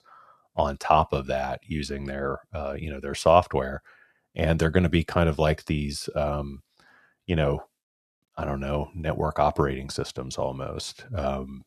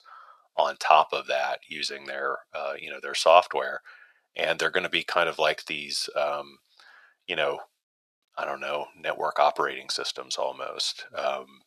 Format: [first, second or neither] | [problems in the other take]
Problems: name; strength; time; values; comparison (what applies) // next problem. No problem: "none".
first | thin; very; fading below 650 Hz